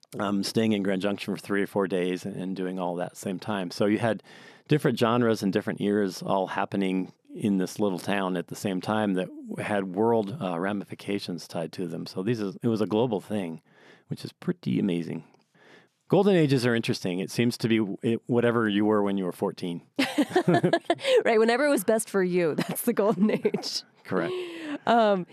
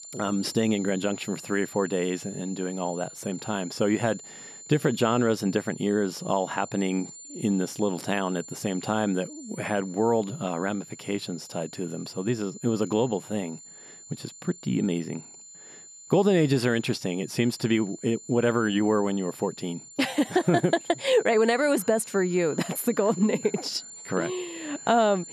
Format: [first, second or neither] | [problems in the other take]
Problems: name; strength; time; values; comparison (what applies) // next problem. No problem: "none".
first | high-pitched whine; noticeable; throughout; 7 kHz, 15 dB below the speech